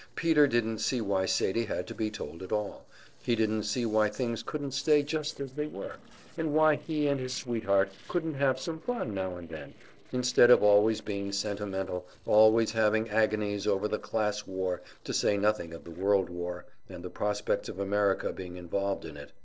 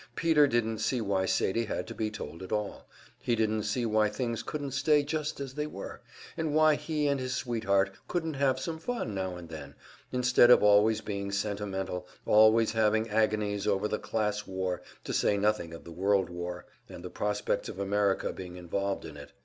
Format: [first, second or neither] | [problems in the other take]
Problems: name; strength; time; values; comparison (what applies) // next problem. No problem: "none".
second | noise reduction (neural separator model SepFormer DNS4)